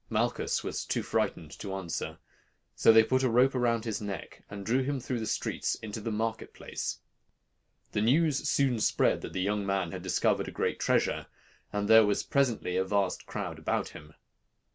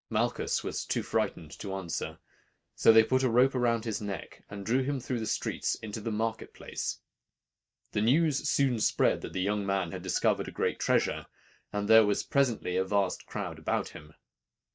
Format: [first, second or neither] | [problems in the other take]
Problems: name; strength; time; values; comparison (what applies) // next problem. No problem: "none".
first | noise reduction (neural mask model DeepFilterNet 3)